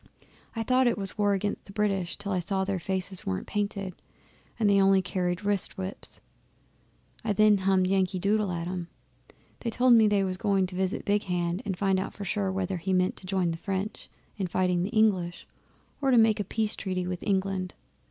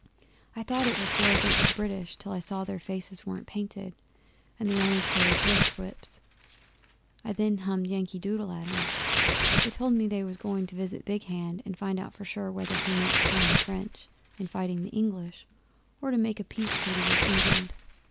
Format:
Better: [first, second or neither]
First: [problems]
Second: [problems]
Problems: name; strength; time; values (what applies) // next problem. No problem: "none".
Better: first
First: none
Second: background sound (Tearing); as loud as the speech